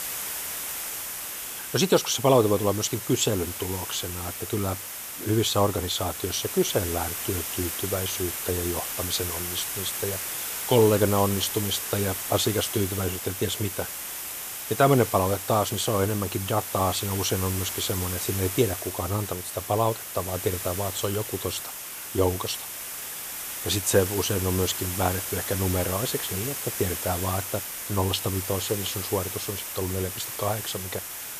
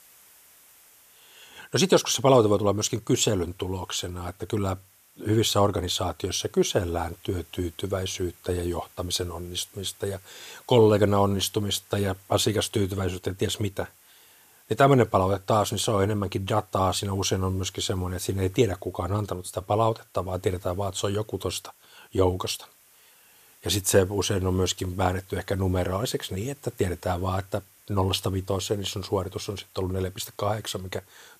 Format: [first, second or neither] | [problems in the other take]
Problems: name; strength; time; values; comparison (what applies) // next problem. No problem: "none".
second | hiss; loud; throughout; 4 dB below the speech; faint in the second